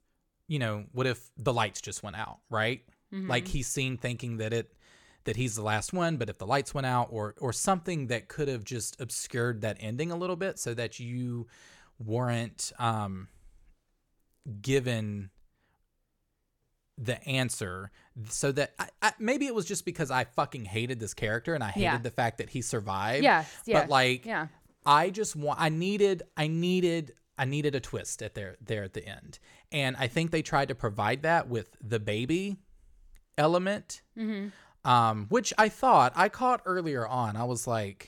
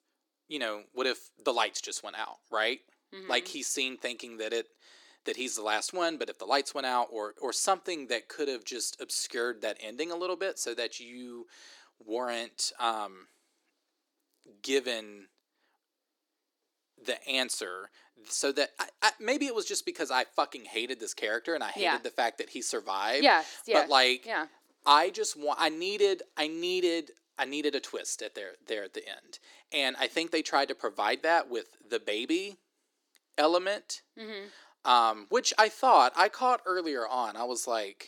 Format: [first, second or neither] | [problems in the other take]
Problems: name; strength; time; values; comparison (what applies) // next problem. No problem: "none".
first | thin; somewhat; fading below 300 Hz